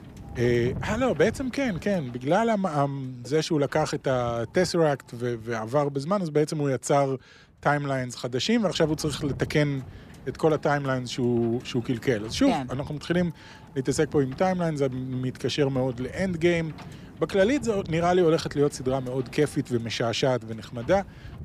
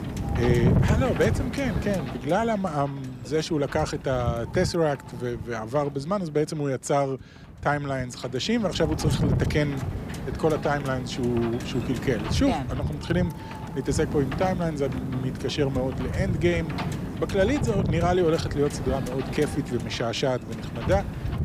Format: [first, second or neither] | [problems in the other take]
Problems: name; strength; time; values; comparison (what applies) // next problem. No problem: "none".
first | wind noise on the microphone; heavy; 9 dB below the speech; occasional gusts in the first